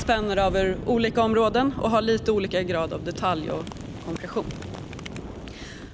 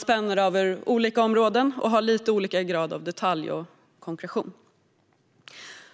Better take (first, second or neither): second